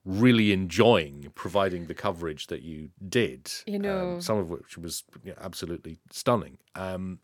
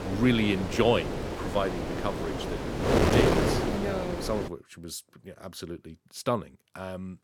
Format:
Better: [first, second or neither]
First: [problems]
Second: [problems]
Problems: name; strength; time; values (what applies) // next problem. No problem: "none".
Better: first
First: none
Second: wind noise on the microphone; heavy; until 4.5 s; 1 dB above the speech